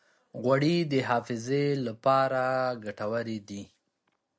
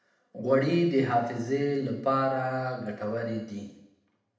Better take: first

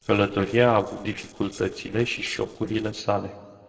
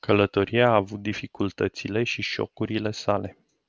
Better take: second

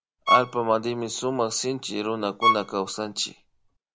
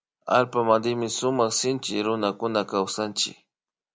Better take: second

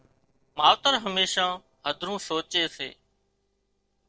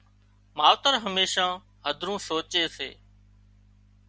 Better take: second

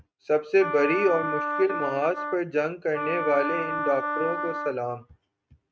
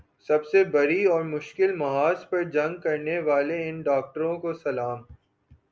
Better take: second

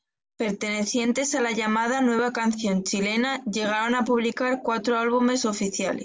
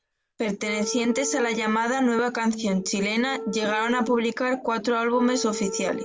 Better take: first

